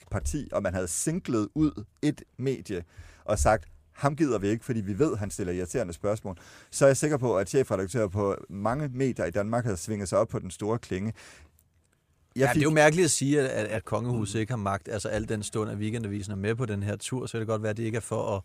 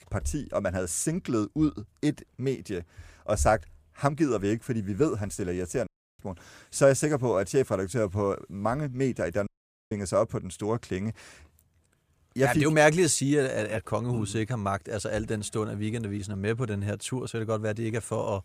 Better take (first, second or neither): first